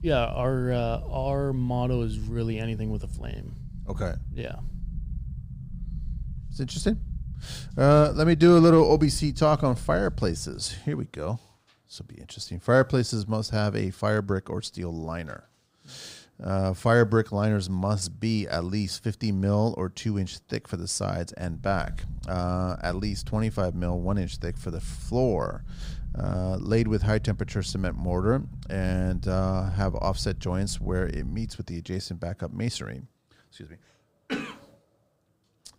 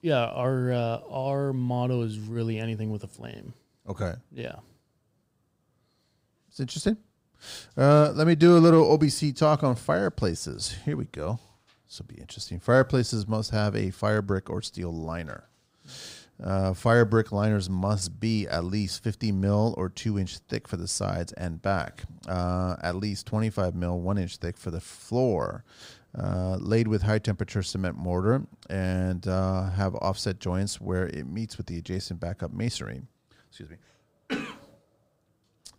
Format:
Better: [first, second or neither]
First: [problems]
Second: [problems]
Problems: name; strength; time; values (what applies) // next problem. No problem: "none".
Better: second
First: low rumble; faint; until 11 s and from 21 to 32 s; 25 dB below the speech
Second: none